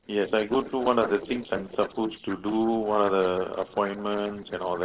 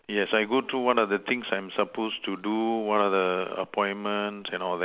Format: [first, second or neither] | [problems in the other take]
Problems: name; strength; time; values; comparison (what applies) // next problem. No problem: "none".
second | noise reduction (neural separator model SepFormer DNS4)